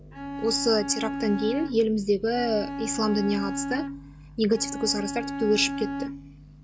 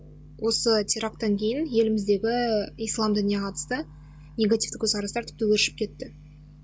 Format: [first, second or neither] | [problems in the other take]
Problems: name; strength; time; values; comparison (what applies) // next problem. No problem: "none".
second | background sound (Bowed string instrument); 7 dB below the speech